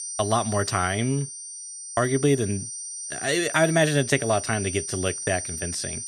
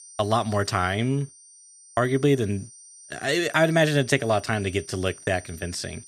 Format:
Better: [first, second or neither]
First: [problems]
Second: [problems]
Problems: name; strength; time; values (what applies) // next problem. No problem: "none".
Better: second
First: high-pitched whine; loud; throughout; 9 kHz, 7 dB below the speech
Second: high-pitched whine; faint; throughout; 9 kHz, 20 dB below the speech